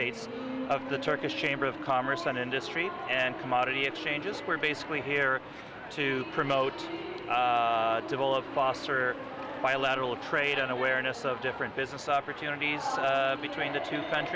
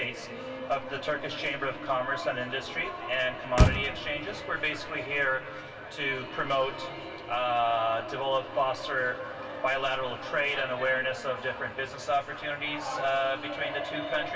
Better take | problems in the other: first | background sound (Motor vehicle (road)); 7 dB below the speech // room echo; dies away in 2.5 s

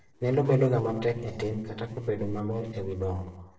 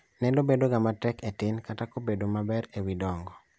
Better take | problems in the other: second | noise reduction (neural separator model SepFormer DNS4)

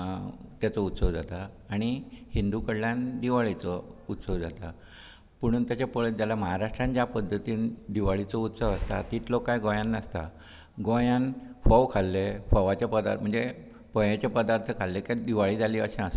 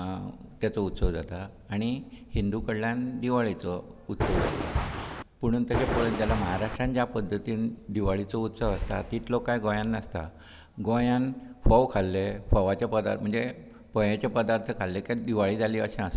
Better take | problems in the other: first | background sound (Thunder); 1 dB below the speech

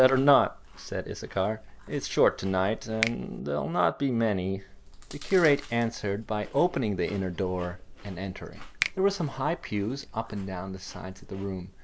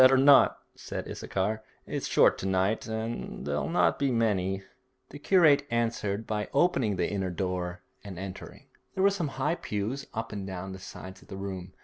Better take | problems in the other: second | background sound (Finger snapping + Chewing, mastication); 14 dB below the speech

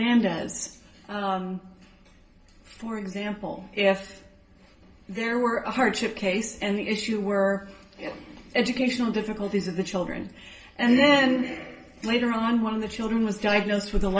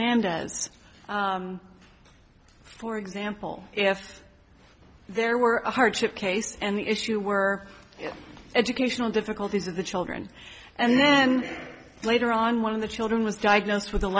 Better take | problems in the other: second | room echo; dies away in 0.4 s

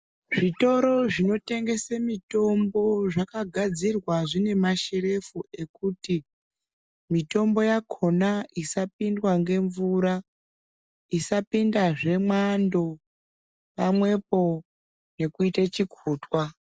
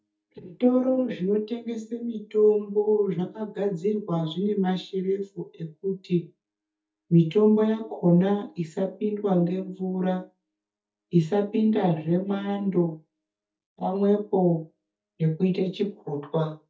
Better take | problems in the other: first | noise reduction (neural mask model DeepFilterNet 3)

